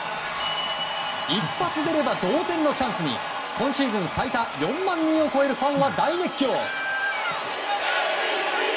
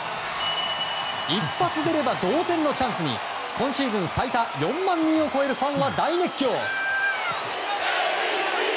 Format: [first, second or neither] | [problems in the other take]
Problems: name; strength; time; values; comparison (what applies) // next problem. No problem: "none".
second | room echo; dies away in 0.3 s